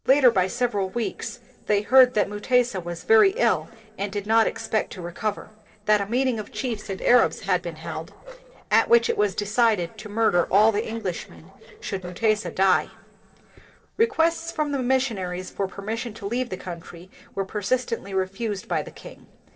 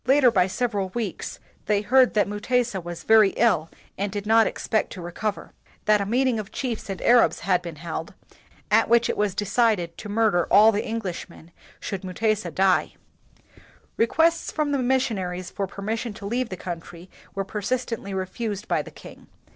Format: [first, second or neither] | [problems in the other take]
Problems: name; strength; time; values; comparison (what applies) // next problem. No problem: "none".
second | noise reduction (neural separator model SepFormer DNS4)